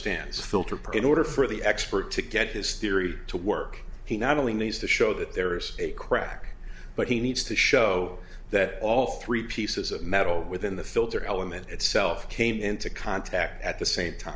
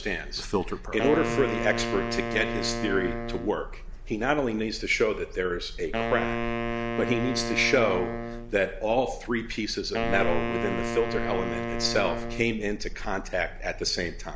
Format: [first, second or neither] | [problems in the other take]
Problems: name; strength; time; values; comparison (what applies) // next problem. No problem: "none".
first | background sound (Wind instrument, woodwind instrument); 4 dB below the speech